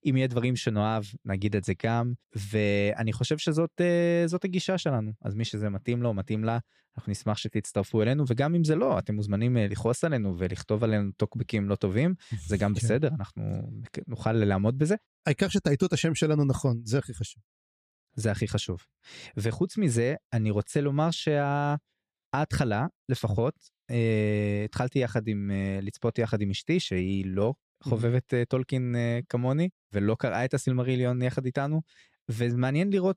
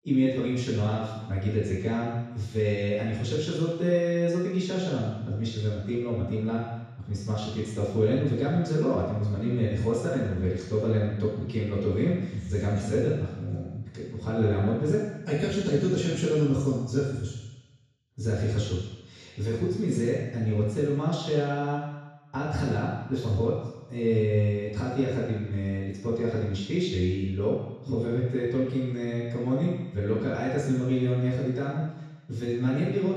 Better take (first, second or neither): first